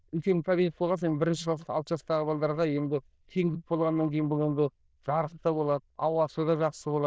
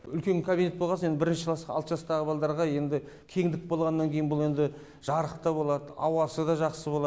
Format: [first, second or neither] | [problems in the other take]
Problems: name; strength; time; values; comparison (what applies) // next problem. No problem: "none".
second | noise reduction (neural diffusion model UNIVERSE++)